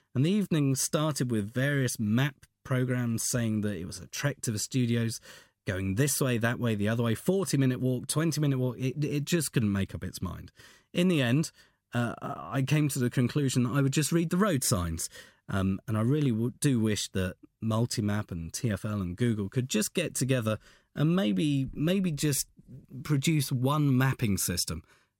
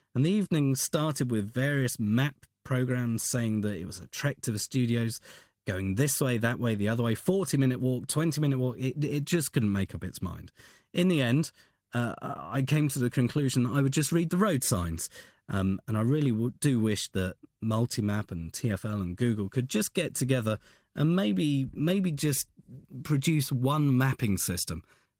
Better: first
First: none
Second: garbled, watery; slightly; nothing above 16.5 kHz

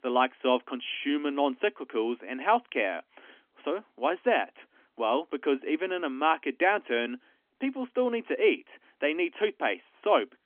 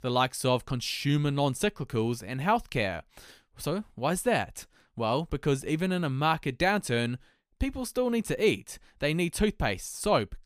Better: second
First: phone-call audio; nothing above 3.5 kHz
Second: none

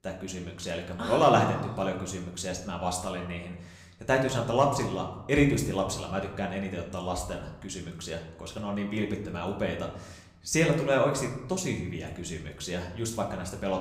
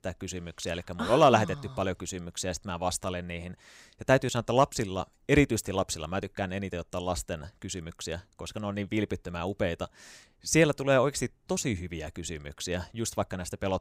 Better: second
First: room echo; slight; dies away in 0.8 s // off-mic speech; somewhat distant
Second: none

